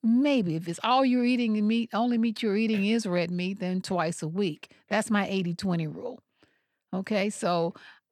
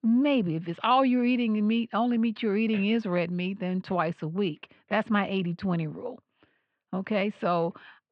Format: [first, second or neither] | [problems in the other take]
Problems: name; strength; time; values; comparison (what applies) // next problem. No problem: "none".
first | muffled; slightly; fading above 3 kHz